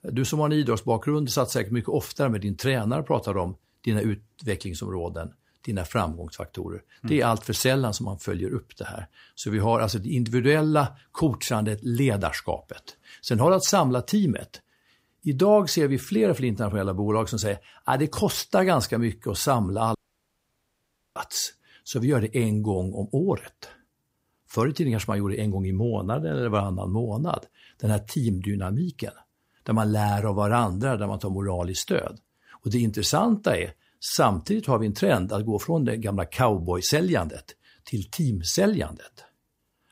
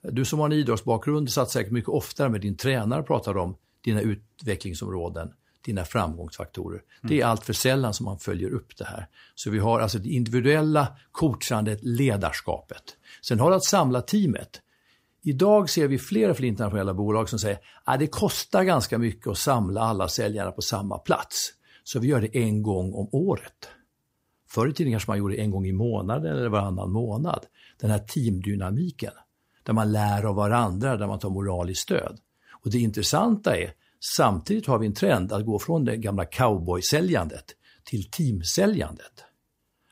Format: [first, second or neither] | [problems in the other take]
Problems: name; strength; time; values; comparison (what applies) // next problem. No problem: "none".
second | audio cutting out; at 20 s for 1 s